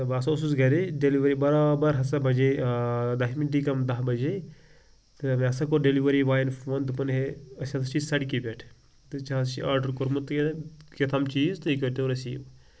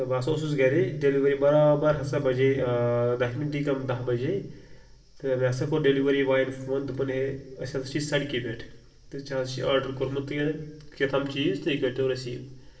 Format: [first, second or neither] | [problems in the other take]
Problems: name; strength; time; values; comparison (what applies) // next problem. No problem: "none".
first | room echo; dies away in 0.6 s